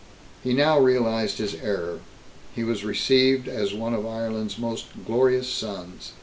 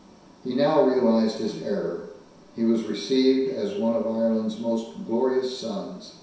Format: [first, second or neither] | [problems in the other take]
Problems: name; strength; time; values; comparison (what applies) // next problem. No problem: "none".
first | room echo; dies away in 0.7 s